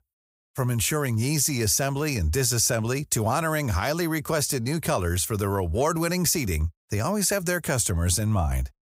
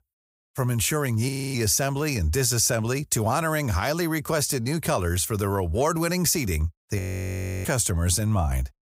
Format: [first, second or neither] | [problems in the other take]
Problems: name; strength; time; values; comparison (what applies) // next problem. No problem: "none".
first | audio freezing; at 1.5 s and at 7 s for 0.5 s